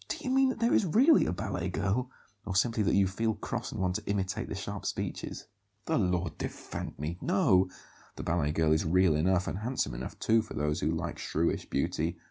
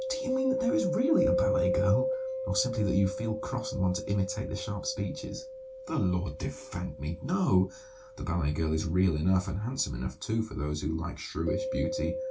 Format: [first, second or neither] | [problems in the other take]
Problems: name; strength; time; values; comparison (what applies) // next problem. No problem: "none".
first | background sound (Mallet percussion); 5 dB below the speech // room echo; dies away in 0.2 s